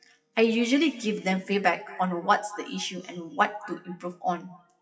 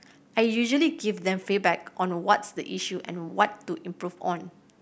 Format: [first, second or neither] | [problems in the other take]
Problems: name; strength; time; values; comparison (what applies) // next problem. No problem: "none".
second | noise reduction (classical method WPE with log-MMSE)